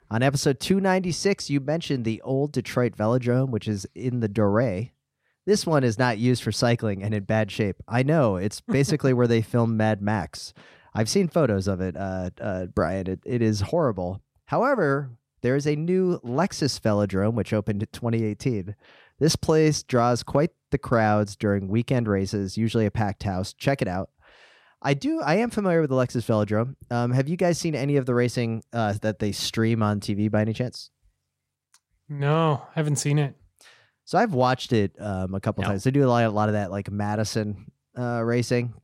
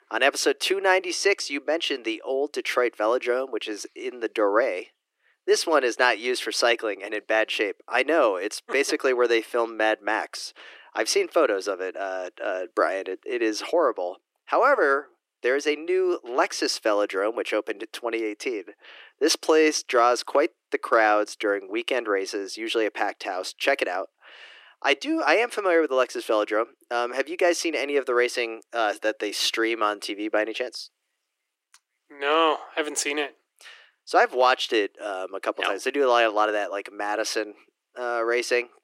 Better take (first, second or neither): first